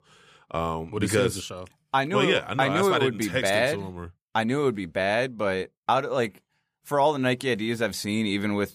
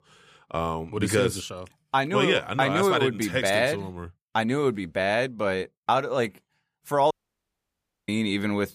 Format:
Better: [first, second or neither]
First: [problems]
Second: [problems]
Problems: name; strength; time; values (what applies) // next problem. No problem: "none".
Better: first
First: none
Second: audio cutting out; at 7 s for 1 s